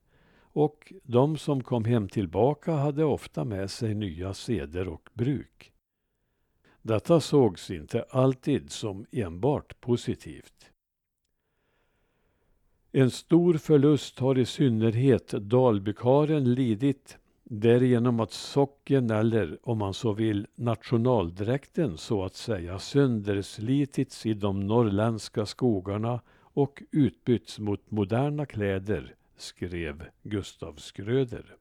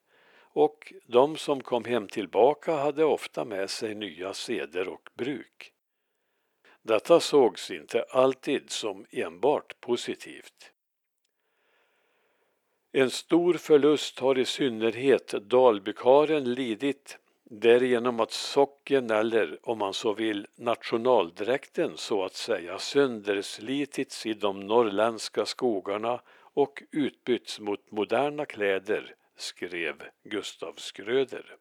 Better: first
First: none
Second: thin; somewhat; fading below 500 Hz

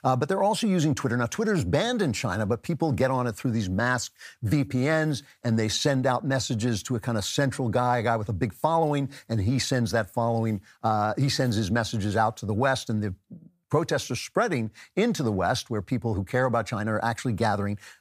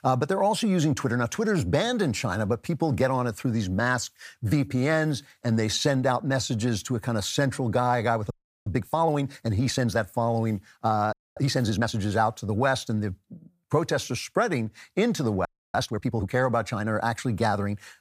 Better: first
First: none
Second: audio freezing; at 8.5 s, at 11 s and at 15 s

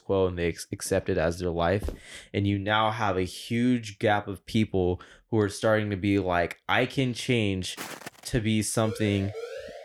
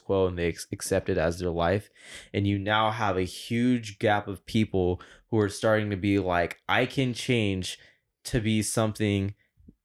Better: second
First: footsteps; faint; at 2 s and at 8 s; peak 10 dB below the speech // siren; faint; from 9 s on; peak 10 dB below the speech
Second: none

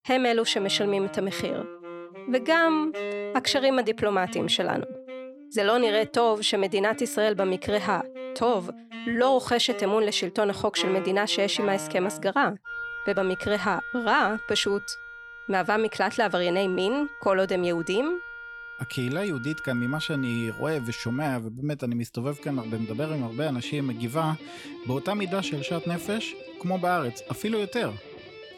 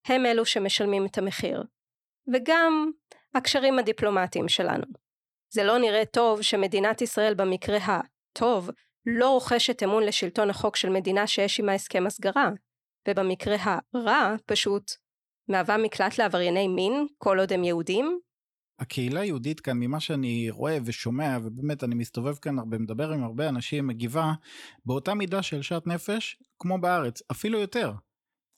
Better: second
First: background music; noticeable; throughout; 15 dB below the speech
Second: none

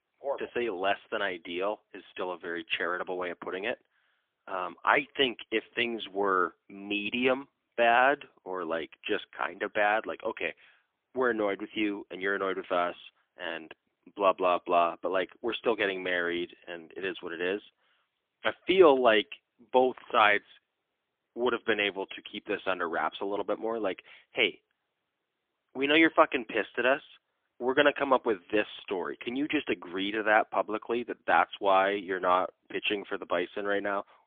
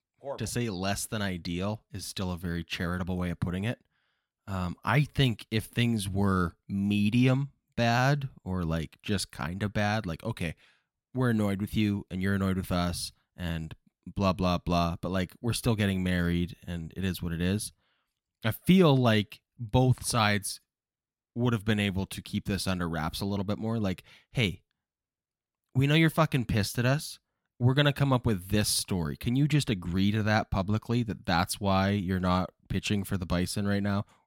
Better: second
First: phone-call audio; poor line; nothing above 3.5 kHz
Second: none

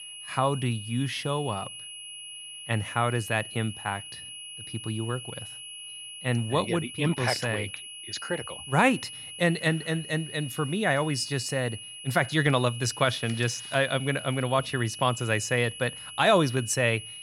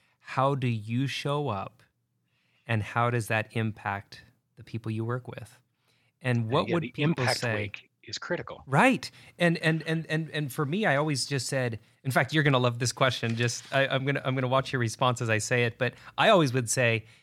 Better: second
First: high-pitched whine; noticeable; throughout; 3 kHz, 10 dB below the speech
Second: none

